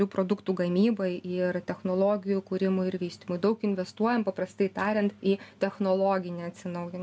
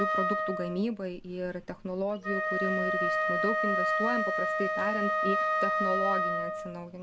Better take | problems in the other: first | background sound (Wind instrument, woodwind instrument); 4 dB above the speech

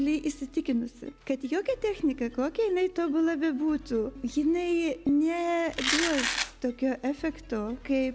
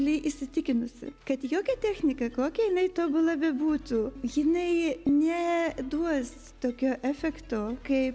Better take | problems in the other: second | background sound (Domestic sounds, home sounds); 3 dB below the speech

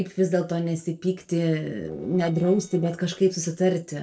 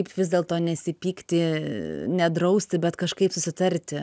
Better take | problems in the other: second | noise reduction (neural separator model SepFormer DNS4)

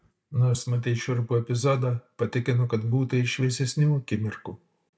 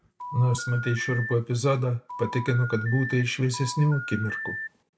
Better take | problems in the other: first | background sound (Telephone); 9 dB below the speech

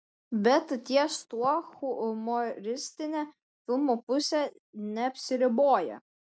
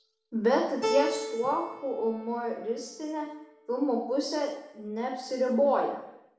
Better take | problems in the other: first | background sound (Keyboard (musical)); 10 dB below the speech // room echo; dies away in 0.8 s

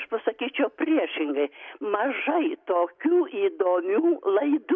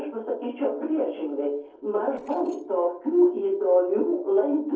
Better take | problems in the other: first | noise reduction (neural separator model SepFormer DNS4)

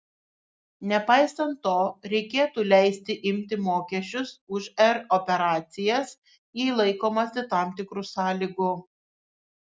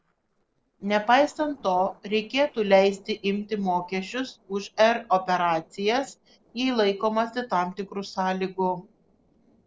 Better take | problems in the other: first | noise reduction (neural separator model SepFormer DNS4)

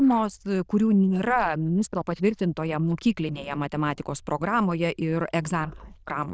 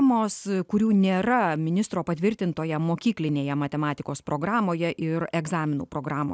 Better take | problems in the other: second | noise reduction (neural diffusion model UNIVERSE++)

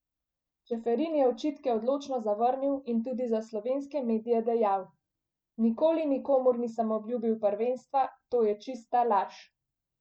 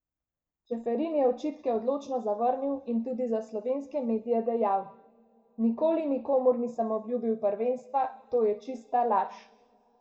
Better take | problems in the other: first | room echo; dies away in 1.3 s

